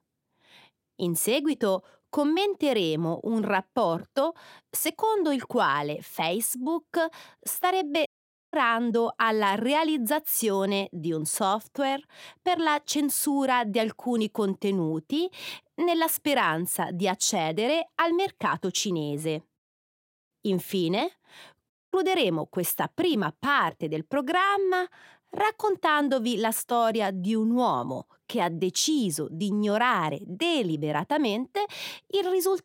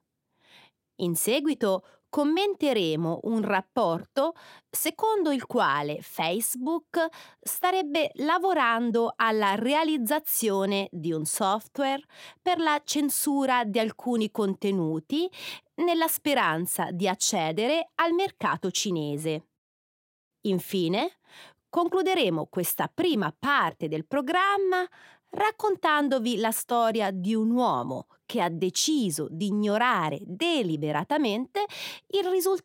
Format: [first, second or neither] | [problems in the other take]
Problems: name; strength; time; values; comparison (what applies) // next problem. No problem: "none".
second | audio cutting out; at 8 s and at 22 s